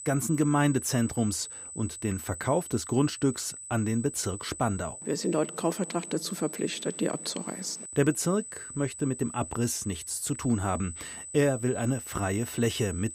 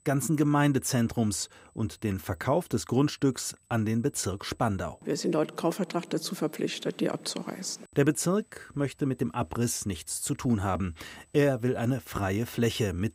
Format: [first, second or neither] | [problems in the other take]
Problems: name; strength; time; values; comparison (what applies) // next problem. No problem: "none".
second | high-pitched whine; loud; throughout; 8 kHz, 10 dB below the speech; faint in the second